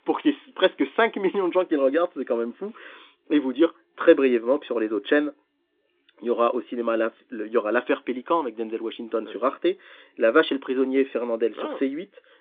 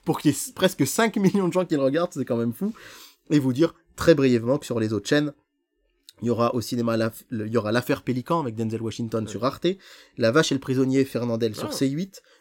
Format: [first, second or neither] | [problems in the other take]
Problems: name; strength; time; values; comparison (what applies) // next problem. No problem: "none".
second | phone-call audio; nothing above 3.5 kHz